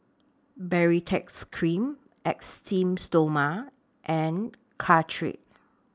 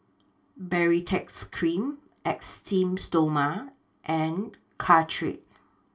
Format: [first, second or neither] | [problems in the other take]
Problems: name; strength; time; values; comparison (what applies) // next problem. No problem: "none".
first | room echo; dies away in 0.2 s